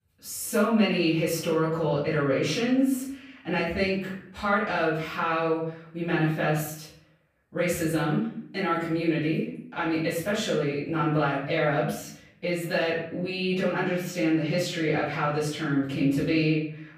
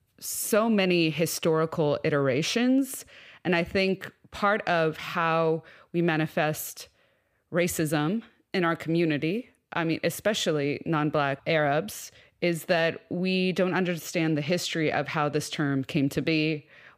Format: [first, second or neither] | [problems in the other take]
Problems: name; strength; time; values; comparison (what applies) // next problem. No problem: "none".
second | off-mic speech; far // room echo; noticeable; dies away in 0.6 s